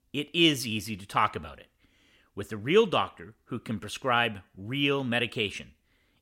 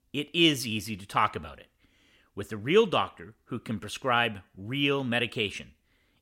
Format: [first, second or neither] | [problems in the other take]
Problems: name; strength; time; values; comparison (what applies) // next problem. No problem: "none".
neither | none